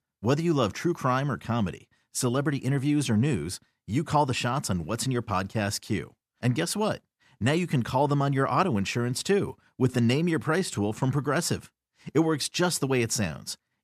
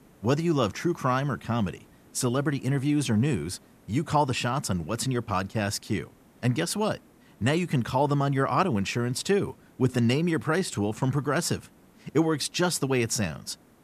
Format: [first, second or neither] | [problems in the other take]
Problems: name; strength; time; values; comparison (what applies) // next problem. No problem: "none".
first | hiss; faint; throughout; 30 dB below the speech